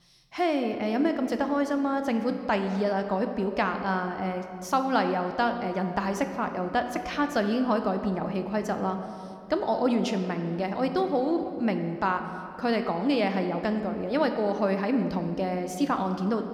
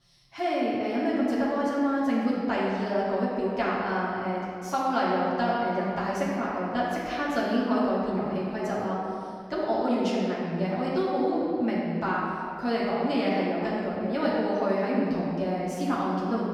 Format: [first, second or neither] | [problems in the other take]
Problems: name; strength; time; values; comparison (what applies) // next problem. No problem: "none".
first | room echo; strong; dies away in 2 s; slight in the first // off-mic speech; far